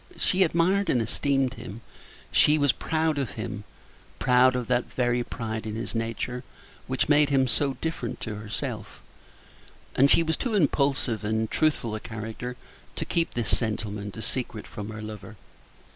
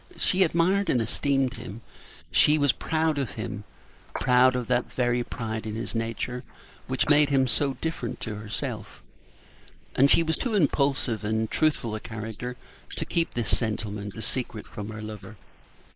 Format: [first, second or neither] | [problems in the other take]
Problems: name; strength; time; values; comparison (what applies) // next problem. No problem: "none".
first | noise reduction (neural mask model Resemble Enhance denoiser)